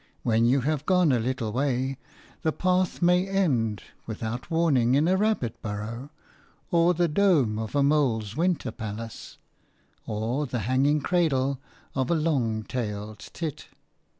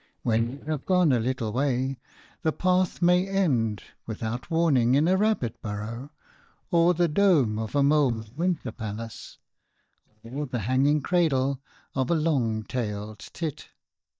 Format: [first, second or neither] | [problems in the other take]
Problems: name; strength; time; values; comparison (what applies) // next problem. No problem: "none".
first | noise reduction (neural mask model DeepFilterNet 3)